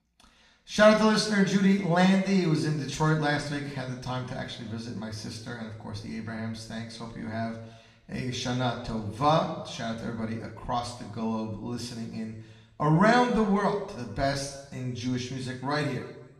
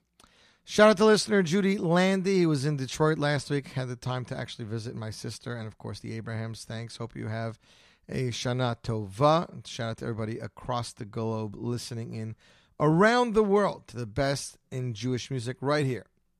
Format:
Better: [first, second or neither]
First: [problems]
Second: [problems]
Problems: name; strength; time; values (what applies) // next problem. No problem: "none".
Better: second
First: room echo; slight; dies away in 0.9 s // off-mic speech; somewhat distant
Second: none